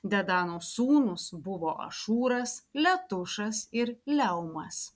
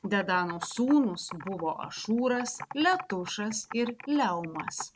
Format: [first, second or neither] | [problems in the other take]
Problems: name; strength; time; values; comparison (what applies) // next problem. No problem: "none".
first | background sound (Computer keyboard); 15 dB below the speech